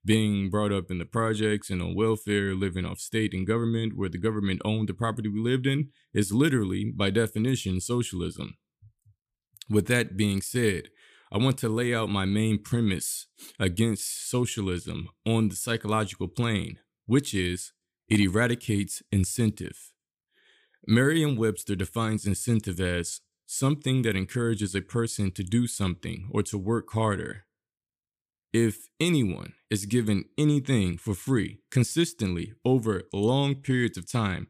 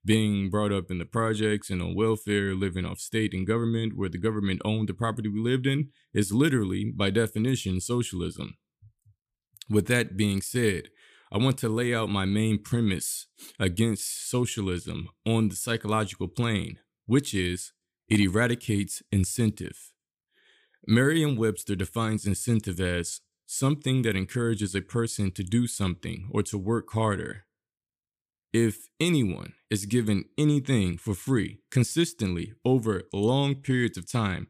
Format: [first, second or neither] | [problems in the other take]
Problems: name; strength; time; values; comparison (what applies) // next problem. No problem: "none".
neither | none